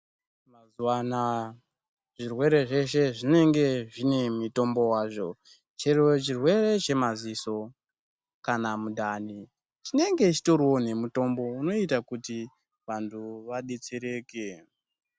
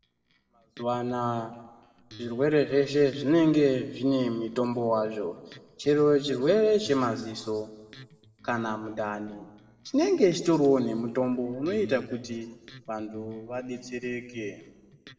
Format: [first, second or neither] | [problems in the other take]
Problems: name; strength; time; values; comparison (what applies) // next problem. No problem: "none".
first | noise reduction (neural separator model SepFormer DNS4)